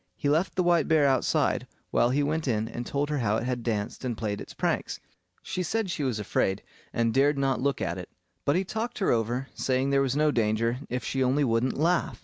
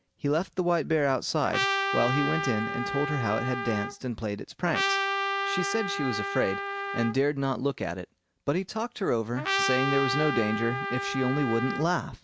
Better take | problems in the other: first | background sound (Trumpet); 2 dB below the speech

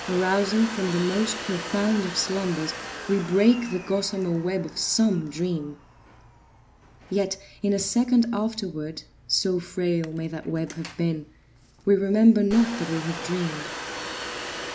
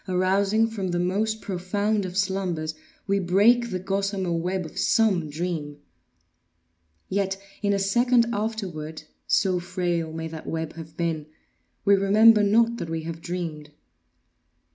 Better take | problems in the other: second | background sound (Domestic sounds, home sounds); 13 dB below the speech

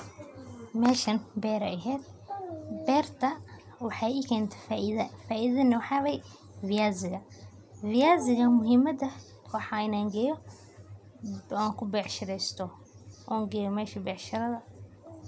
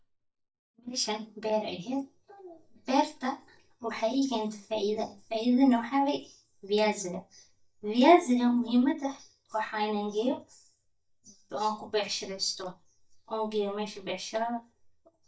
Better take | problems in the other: first | noise reduction (neural mask model DeepFilterNet 3)

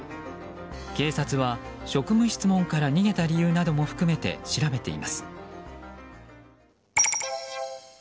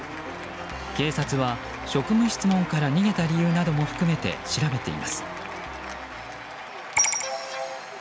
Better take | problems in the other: first | background sound (Applause / Cheering); 10 dB below the speech

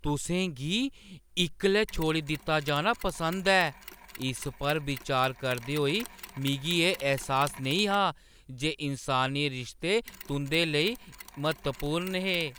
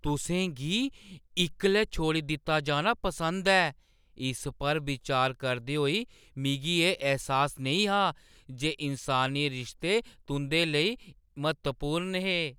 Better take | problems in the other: second | background sound (Mechanisms); 19 dB below the speech

